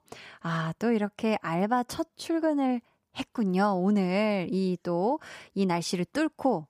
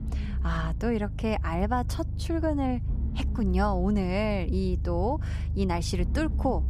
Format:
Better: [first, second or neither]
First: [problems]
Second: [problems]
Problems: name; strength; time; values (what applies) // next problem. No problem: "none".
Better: first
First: none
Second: low rumble; noticeable; throughout; 15 dB below the speech